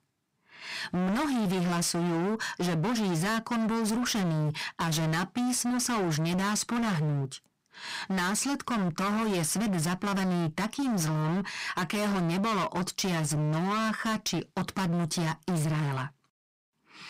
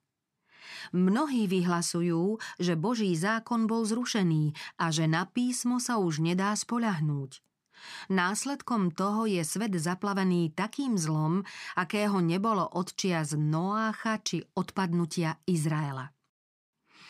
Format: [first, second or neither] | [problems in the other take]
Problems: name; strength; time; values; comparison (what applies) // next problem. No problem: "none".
second | distortion; heavy; 40% of the sound clipped